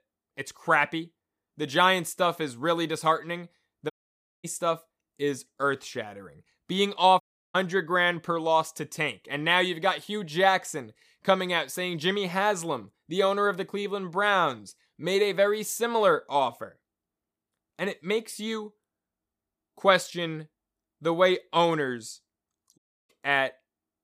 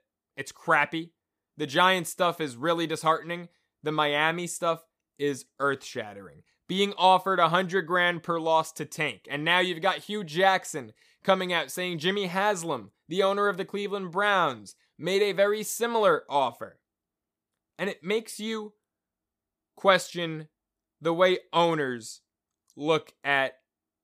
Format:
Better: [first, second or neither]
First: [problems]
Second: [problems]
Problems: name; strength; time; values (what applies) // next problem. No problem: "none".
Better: second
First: audio cutting out; at 4 s for 0.5 s, at 7 s and at 23 s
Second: none